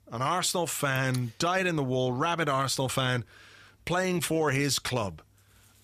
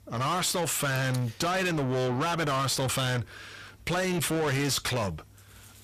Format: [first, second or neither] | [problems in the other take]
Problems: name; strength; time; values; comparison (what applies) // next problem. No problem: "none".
first | distortion; heavy; 7 dB below the speech